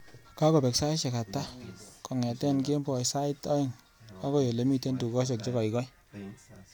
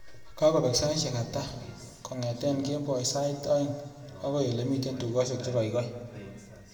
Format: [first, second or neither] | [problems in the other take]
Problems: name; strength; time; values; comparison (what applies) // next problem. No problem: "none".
first | room echo; dies away in 1.6 s